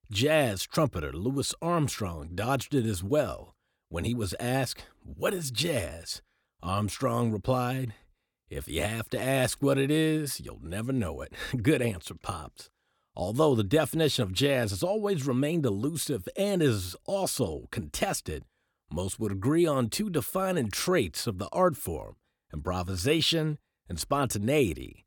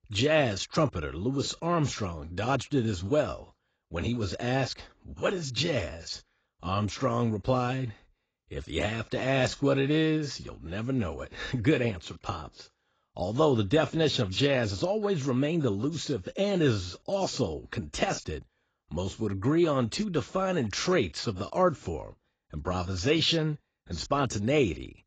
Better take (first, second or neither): first